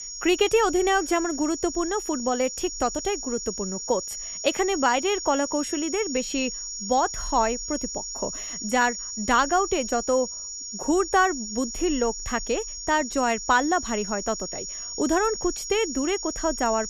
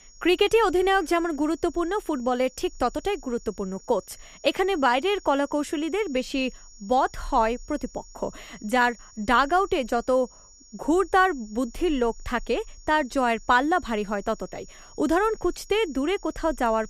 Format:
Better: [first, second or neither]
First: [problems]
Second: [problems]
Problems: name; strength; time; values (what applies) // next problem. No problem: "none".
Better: second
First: high-pitched whine; loud; throughout; 7 kHz, 7 dB below the speech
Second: high-pitched whine; faint; throughout; 7 kHz, 25 dB below the speech